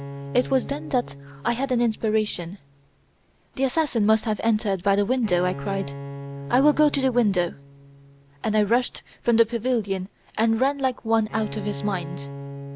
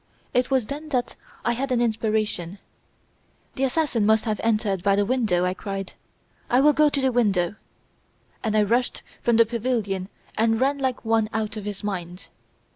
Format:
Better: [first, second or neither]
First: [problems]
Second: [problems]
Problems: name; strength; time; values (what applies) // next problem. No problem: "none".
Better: second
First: background sound (Bowed string instrument); 14 dB below the speech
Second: none